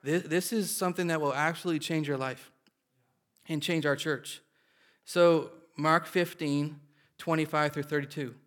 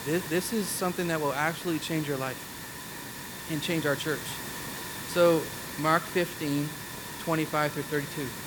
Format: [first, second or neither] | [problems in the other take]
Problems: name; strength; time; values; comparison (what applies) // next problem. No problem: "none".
first | hiss; loud; throughout; 8 dB below the speech